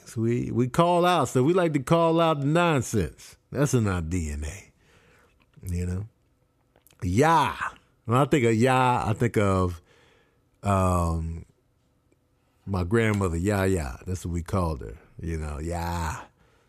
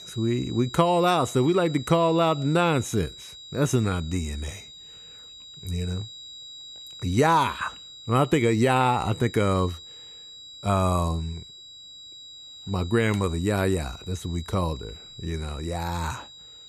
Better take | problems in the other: first | high-pitched whine; noticeable; throughout; 4 kHz, 15 dB below the speech

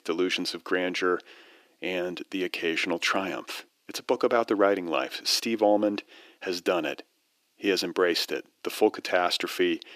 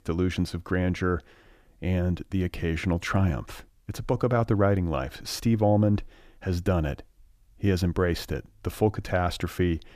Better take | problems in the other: second | thin; somewhat; fading below 300 Hz

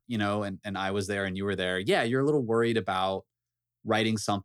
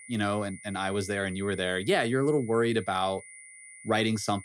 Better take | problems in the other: first | high-pitched whine; noticeable; throughout; 2 kHz, 15 dB below the speech

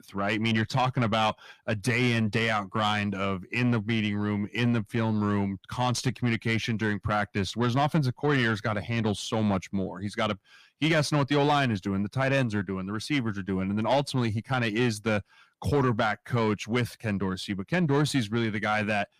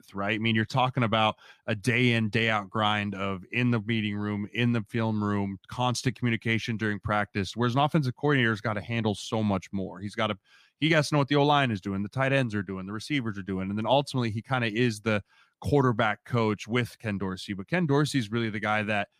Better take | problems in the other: second | distortion; slight; 10 dB below the speech

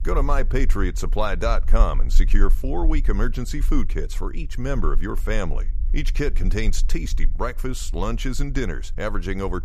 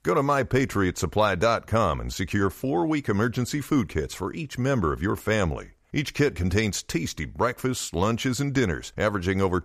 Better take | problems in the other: second | low rumble; faint; throughout; 25 dB below the speech

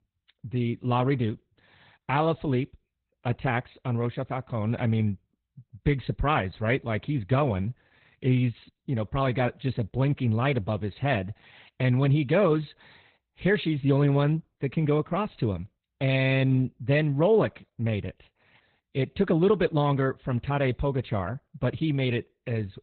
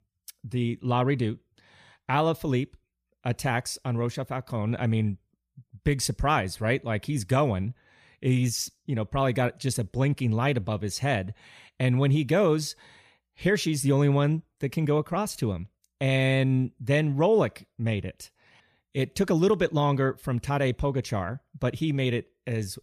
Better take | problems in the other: second | garbled, watery; badly; nothing above 4 kHz

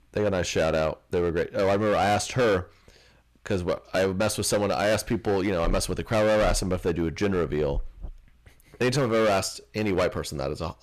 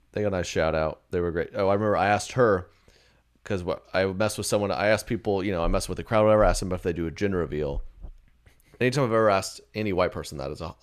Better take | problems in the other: second | distortion; heavy; 13% of the sound clipped

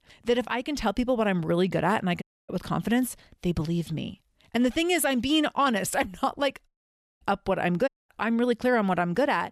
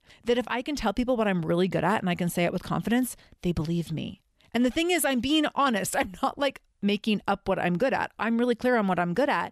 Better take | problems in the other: second | audio cutting out; at 2 s, at 6.5 s for 0.5 s and at 8 s

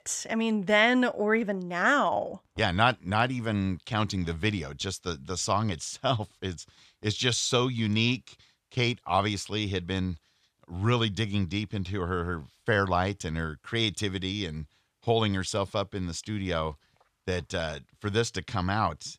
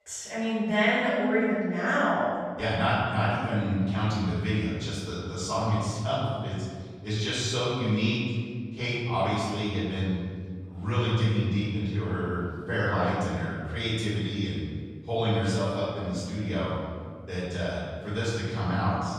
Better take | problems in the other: first | room echo; strong; dies away in 1.9 s // off-mic speech; far

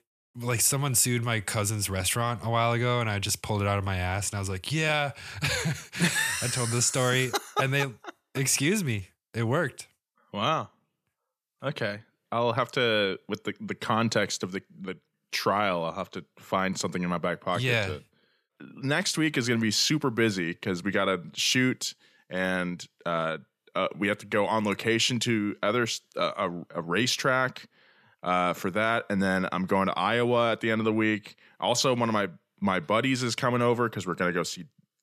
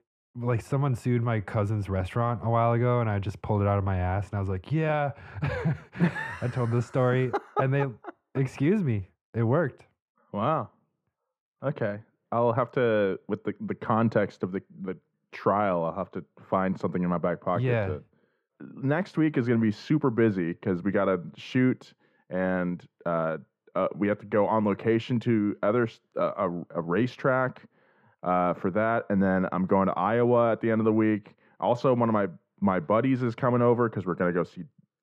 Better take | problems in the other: first | muffled; very; fading above 3 kHz

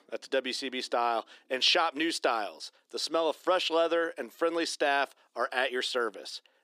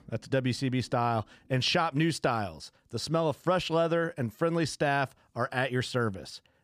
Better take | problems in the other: second | thin; very; fading below 300 Hz

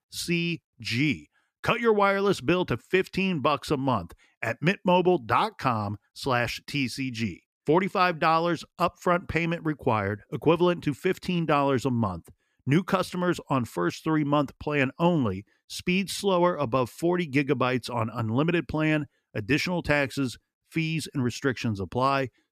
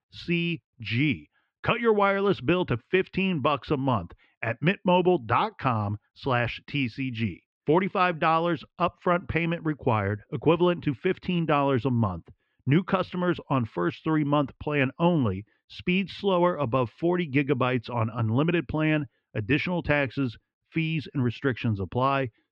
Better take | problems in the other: first | muffled; slightly; fading above 3 kHz

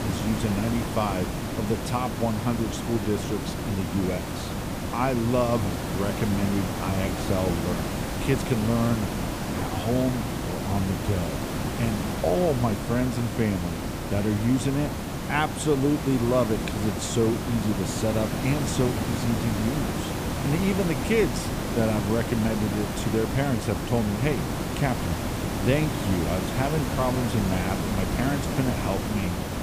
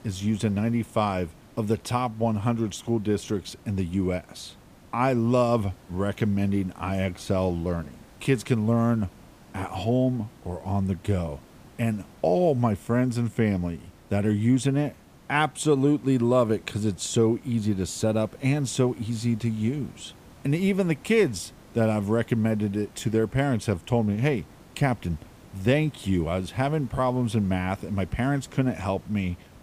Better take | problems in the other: second | hiss; loud; throughout; 2 dB below the speech; faint in the second

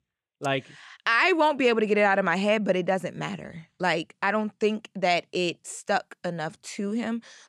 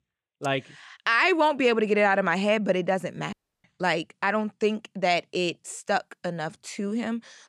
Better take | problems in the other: first | audio cutting out; at 3.5 s

